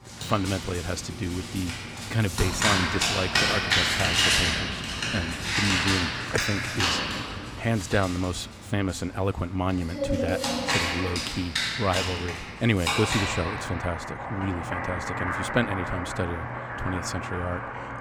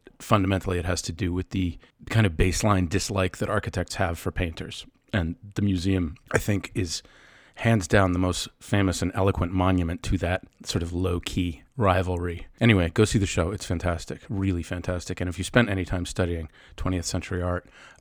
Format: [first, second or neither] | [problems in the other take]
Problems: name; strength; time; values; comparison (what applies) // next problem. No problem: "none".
second | household noises; very loud; throughout; 3 dB above the speech